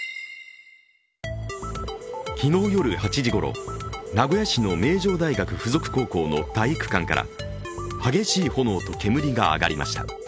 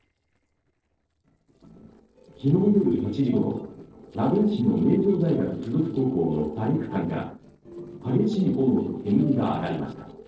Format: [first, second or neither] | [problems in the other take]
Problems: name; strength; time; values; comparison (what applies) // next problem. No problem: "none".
first | noise reduction (neural separator model SepFormer DNS4)